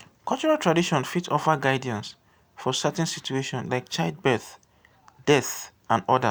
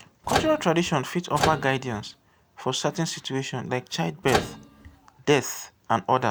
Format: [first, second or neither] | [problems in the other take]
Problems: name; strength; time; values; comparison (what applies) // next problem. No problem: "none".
first | background sound (Microwave oven); 4 dB below the speech